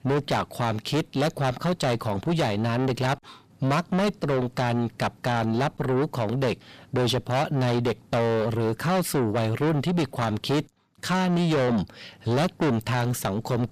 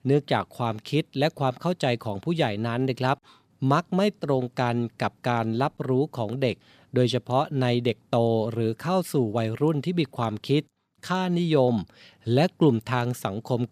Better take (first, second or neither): second